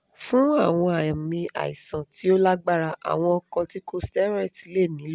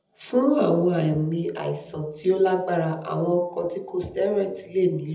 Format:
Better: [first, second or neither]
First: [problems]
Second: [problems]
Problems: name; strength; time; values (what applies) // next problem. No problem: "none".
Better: first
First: none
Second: room echo; dies away in 0.8 s